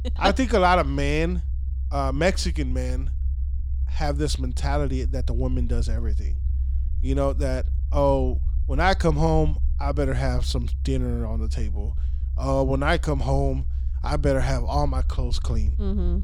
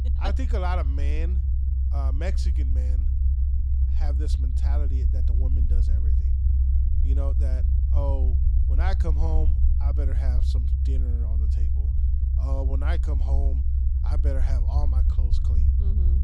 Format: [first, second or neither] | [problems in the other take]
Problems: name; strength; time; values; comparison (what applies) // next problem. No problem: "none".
first | low rumble; loud; throughout; 4 dB below the speech; faint in the first